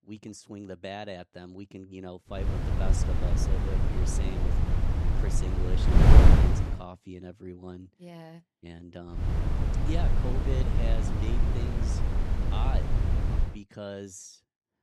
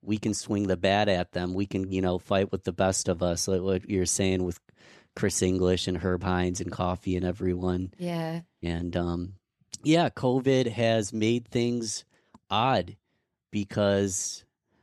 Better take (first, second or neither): second